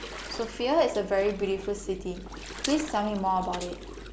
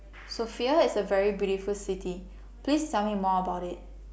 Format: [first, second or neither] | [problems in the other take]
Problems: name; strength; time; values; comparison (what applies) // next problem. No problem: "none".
second | background sound (Glass + Gurgling); 12 dB below the speech